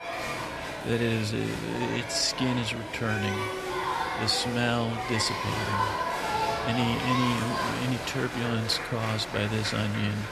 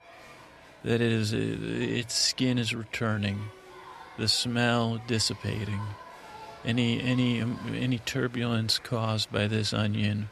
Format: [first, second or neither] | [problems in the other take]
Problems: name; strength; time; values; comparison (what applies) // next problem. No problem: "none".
second | crowd noise; loud; throughout; 2 dB below the speech; faint in the second